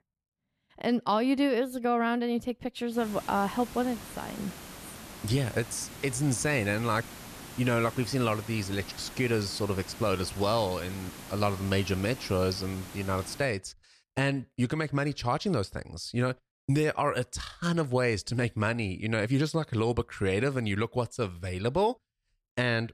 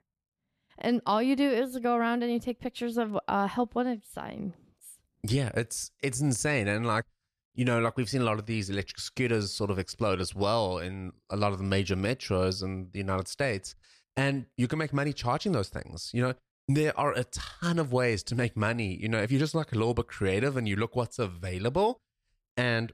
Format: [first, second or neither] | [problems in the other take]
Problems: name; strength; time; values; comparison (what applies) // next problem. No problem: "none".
second | hiss; noticeable; from 3 to 13 s; 15 dB below the speech